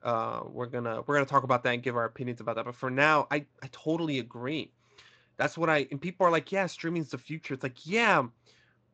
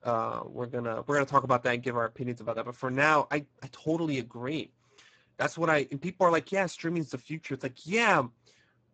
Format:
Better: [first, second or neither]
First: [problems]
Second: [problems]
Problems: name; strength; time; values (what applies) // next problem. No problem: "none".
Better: first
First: garbled, watery; slightly; nothing above 7.5 kHz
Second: garbled, watery; badly; nothing above 7.5 kHz